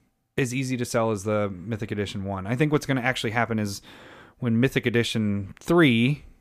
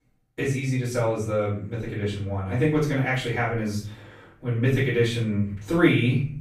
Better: first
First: none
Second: off-mic speech; far // room echo; noticeable; dies away in 0.5 s

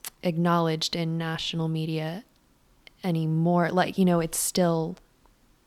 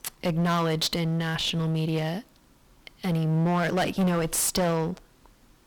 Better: first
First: none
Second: distortion; heavy; 15% of the sound clipped

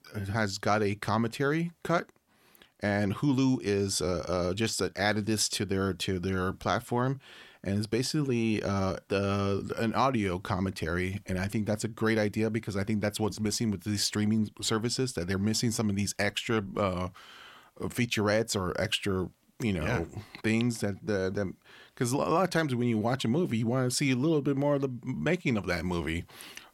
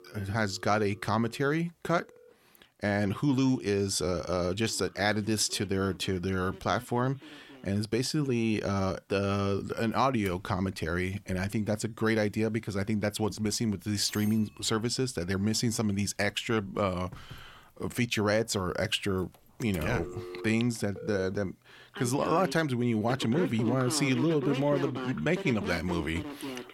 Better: first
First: none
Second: alarms or sirens; noticeable; throughout; 10 dB below the speech

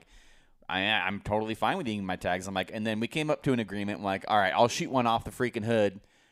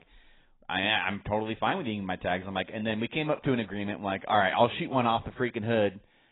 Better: first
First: none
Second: garbled, watery; badly; nothing above 3.5 kHz

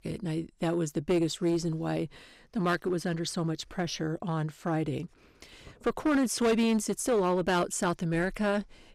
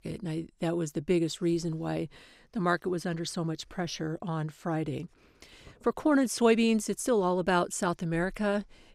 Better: second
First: distortion; slight; 6% of the sound clipped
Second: none

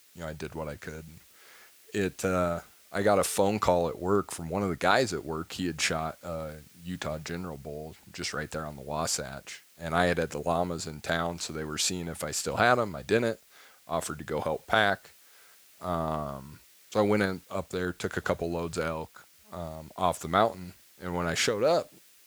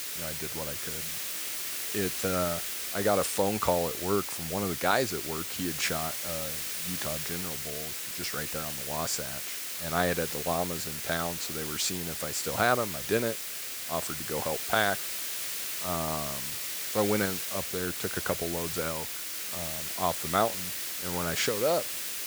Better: first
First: hiss; faint; throughout; 25 dB below the speech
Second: hiss; loud; throughout; 1 dB below the speech

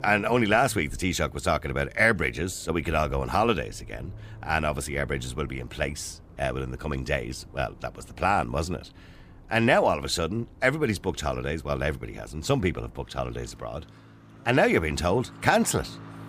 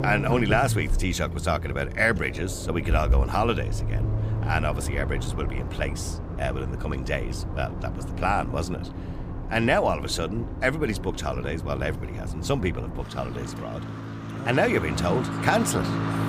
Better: first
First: traffic noise; faint; throughout; 20 dB below the speech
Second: traffic noise; loud; throughout; 4 dB below the speech

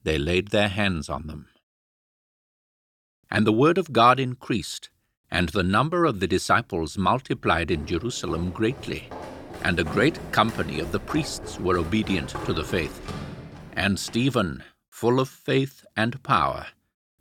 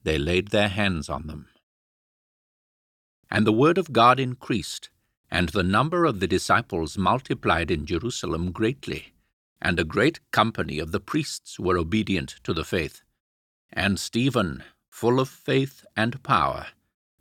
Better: second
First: footsteps; noticeable; from 7.5 to 14 s; peak 10 dB below the speech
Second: none

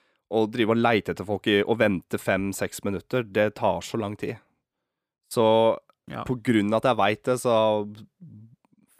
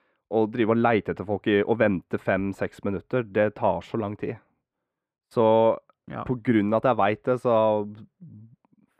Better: first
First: none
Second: muffled; very; fading above 3.5 kHz

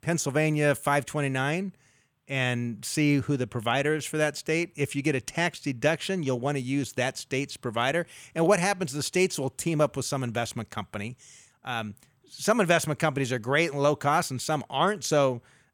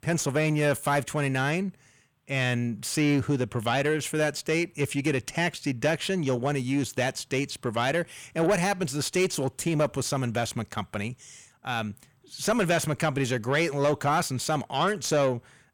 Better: first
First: none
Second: distortion; slight; 10 dB below the speech

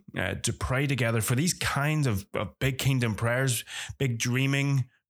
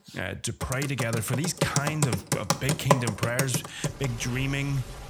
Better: first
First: none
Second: household noises; very loud; throughout; as loud as the speech

